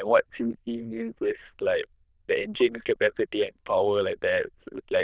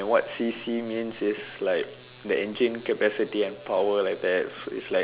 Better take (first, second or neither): second